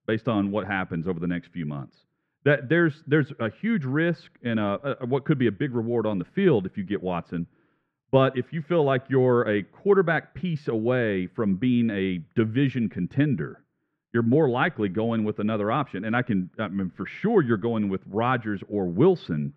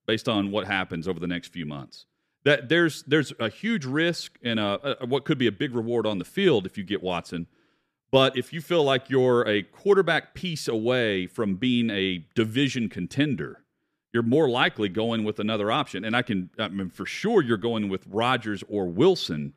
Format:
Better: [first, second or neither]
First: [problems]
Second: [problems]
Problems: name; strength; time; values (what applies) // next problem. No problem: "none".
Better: second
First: muffled; very; fading above 1.5 kHz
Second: none